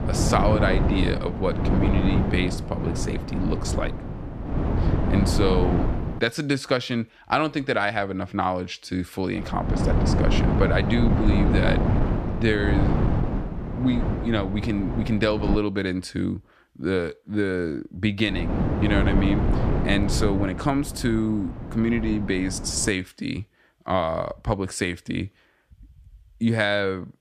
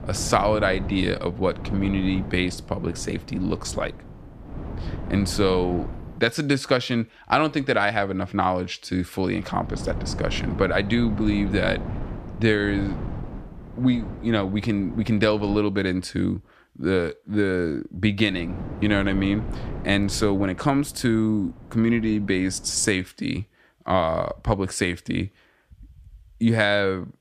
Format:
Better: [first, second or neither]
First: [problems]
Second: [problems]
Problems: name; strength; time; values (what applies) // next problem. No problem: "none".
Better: second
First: wind noise on the microphone; heavy; until 6 s, from 9.5 to 16 s and from 18 to 23 s; 4 dB below the speech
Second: wind noise on the microphone; occasional gusts; until 6 s, from 9.5 to 16 s and from 18 to 23 s; 15 dB below the speech